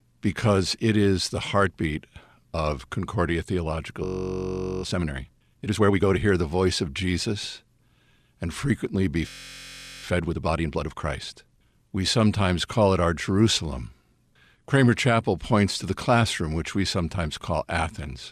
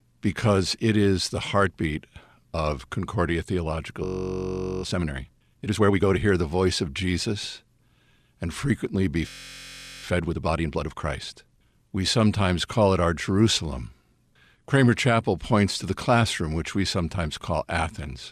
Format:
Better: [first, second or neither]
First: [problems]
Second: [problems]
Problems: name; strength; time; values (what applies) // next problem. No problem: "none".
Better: neither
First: audio freezing; at 4 s for 1 s and at 9.5 s for 1 s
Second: audio freezing; at 4 s for 1 s and at 9.5 s for 1 s